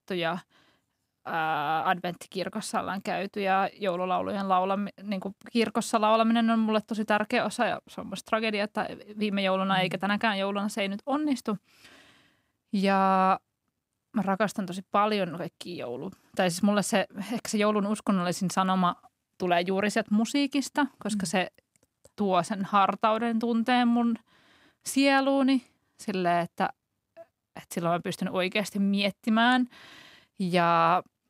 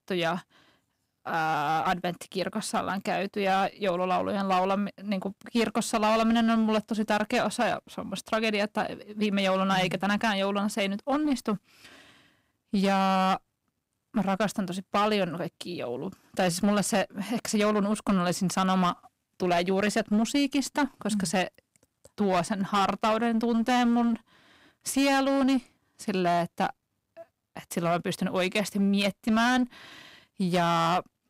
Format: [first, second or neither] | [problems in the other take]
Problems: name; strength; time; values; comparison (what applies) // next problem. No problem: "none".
first | distortion; slight; 10% of the sound clipped